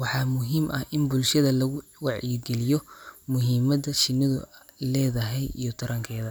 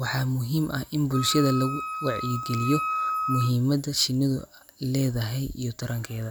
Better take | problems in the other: first | background sound (Wind instrument, woodwind instrument); 5 dB below the speech

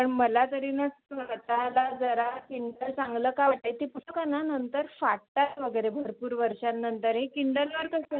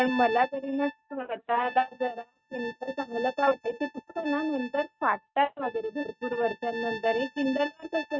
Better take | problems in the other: first | noise reduction (neural mask model RNNoise)

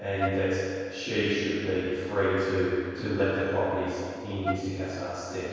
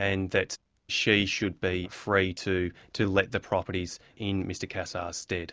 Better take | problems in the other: second | background sound (Wind instrument, woodwind instrument); 7 dB below the speech // room echo; dies away in 2.2 s

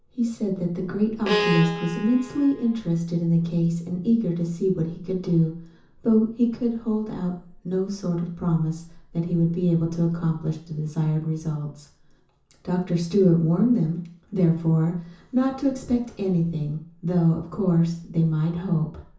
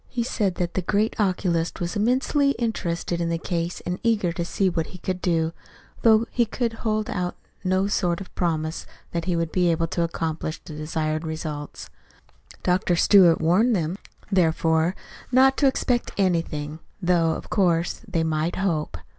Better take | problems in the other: second | background sound (Bowed string instrument); 5 dB below the speech // room echo; dies away in 0.6 s

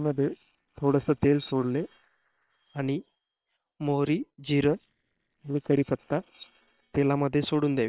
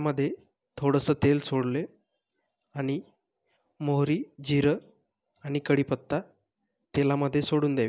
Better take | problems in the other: second | noise reduction (neural separator model SepFormer WHAM!)

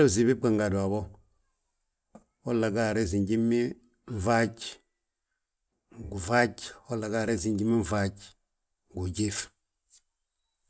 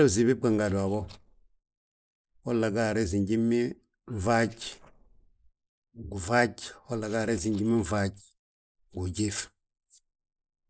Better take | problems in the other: first | noise reduction (neural mask model Resemble Enhance denoiser)

